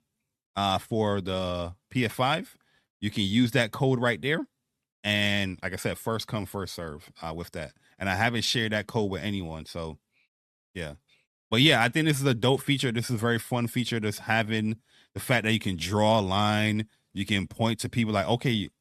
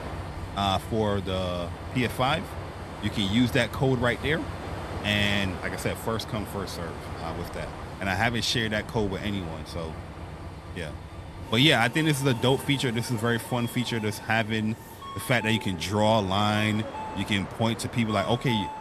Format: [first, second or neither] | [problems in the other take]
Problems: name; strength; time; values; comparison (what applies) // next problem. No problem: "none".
first | train or aircraft noise; noticeable; throughout; 10 dB below the speech